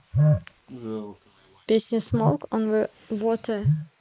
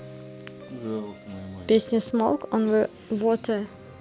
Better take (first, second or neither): second